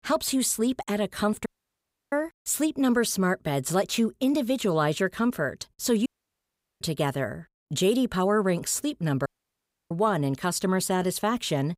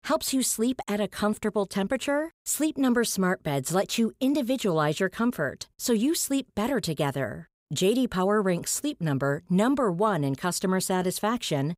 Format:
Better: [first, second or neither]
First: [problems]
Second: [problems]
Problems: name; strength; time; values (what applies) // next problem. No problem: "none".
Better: second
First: audio cutting out; at 1.5 s for 0.5 s, at 6 s for 1 s and at 9.5 s for 0.5 s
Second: none